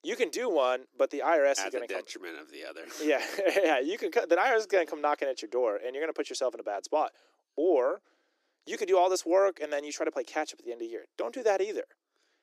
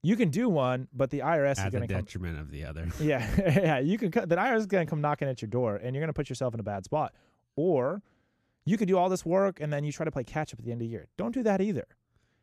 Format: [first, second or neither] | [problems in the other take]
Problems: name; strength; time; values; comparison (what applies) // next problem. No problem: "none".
second | thin; very; fading below 300 Hz